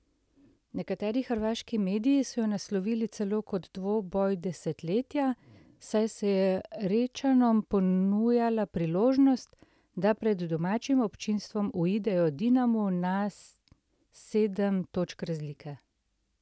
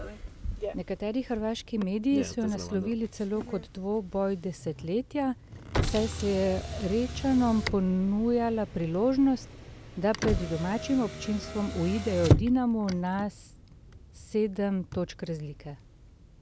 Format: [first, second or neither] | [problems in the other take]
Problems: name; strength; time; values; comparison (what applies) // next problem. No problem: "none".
first | background sound (Motor vehicle (road)); 6 dB below the speech